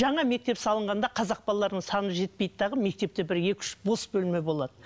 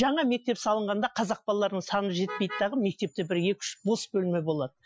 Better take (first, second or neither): first